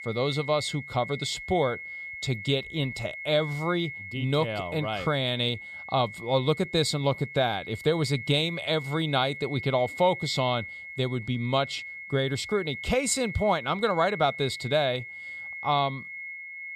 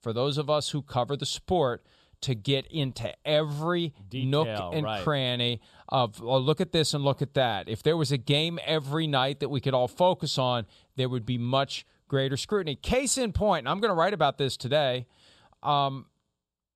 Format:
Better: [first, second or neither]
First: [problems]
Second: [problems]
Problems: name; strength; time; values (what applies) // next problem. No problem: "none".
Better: second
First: high-pitched whine; loud; throughout; 2 kHz, 10 dB below the speech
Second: none